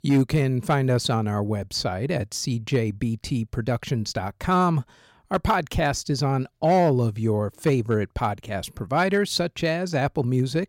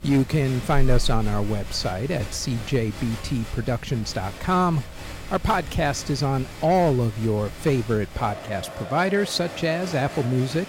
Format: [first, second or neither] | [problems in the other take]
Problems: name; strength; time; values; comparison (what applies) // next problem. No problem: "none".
first | crowd noise; noticeable; throughout; 10 dB below the speech